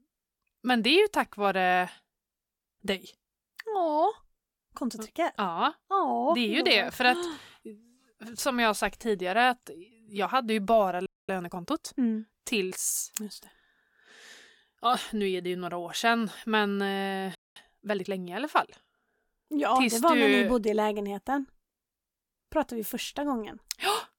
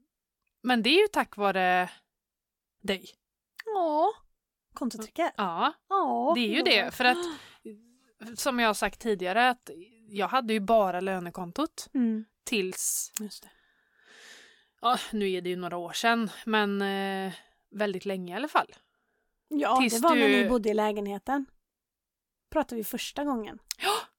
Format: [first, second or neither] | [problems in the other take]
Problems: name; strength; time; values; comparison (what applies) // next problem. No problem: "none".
second | audio freezing; at 11 s and at 17 s